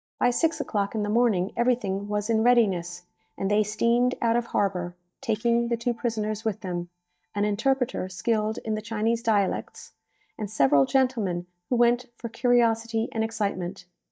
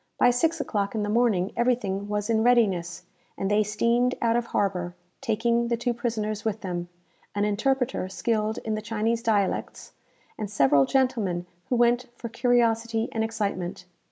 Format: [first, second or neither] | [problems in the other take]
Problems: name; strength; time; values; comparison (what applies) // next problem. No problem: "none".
second | noise reduction (neural mask model DeepFilterNet 3)